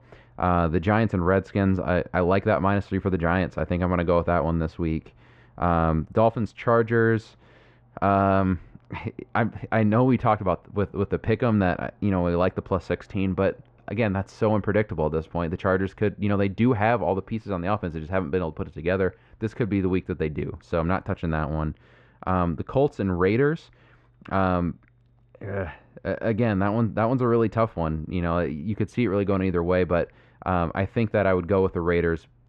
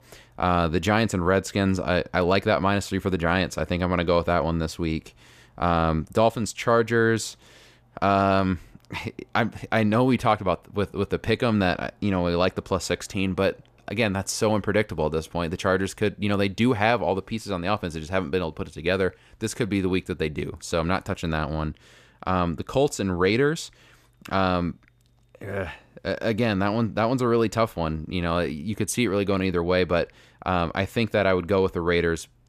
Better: second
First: muffled; very; fading above 2 kHz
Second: none

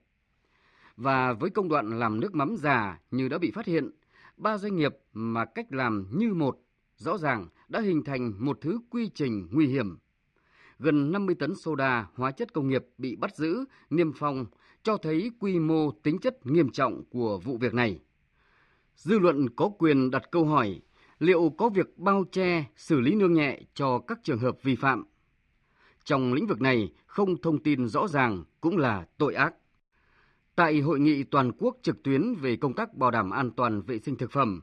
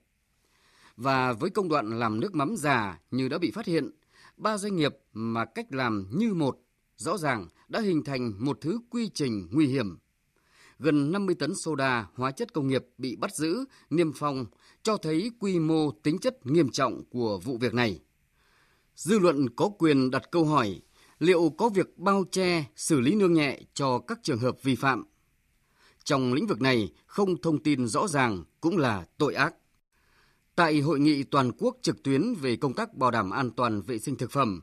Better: second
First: muffled; slightly; fading above 2.5 kHz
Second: none

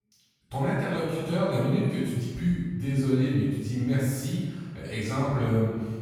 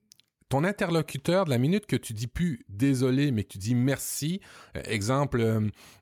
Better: second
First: off-mic speech; far // room echo; strong; dies away in 1.5 s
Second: none

